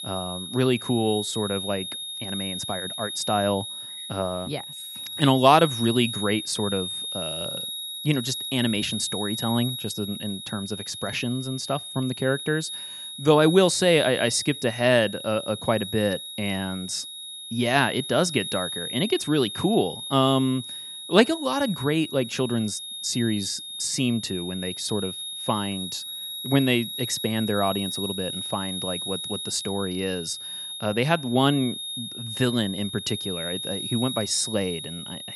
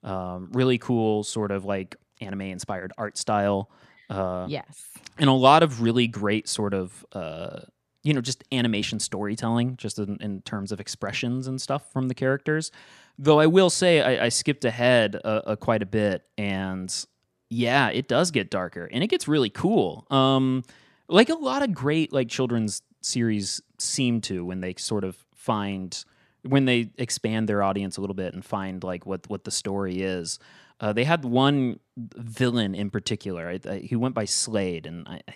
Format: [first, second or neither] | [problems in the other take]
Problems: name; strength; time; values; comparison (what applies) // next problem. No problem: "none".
second | high-pitched whine; loud; throughout; 3.5 kHz, 7 dB below the speech